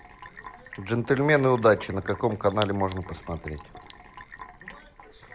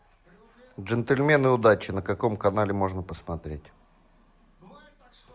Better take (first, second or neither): second